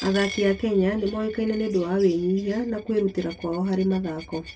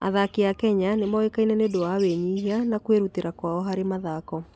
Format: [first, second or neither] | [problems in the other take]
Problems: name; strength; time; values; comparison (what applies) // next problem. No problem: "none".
second | background sound (Coin (dropping)); 18 dB below the speech // room echo; dies away in 0.1 s